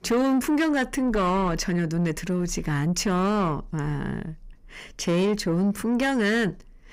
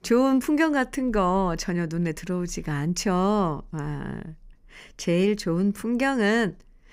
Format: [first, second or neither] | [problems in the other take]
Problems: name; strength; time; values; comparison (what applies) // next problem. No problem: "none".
second | distortion; slight; 10 dB below the speech